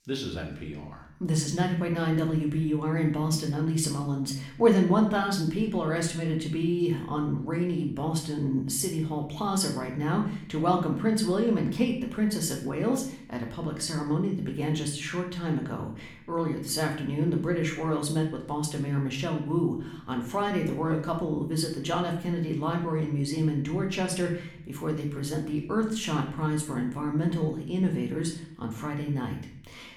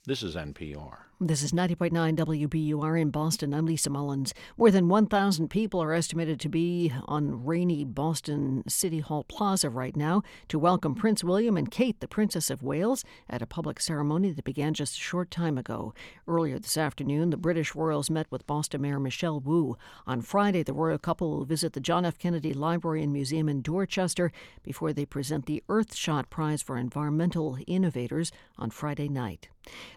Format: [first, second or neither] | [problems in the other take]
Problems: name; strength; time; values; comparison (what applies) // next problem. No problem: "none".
second | room echo; slight; dies away in 0.5 s // off-mic speech; somewhat distant